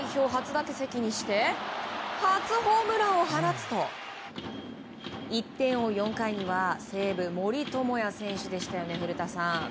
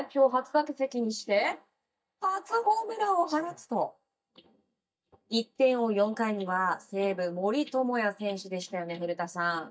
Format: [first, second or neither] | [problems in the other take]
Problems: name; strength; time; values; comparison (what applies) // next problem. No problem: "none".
first | noise reduction (neural mask model DeepFilterNet 3)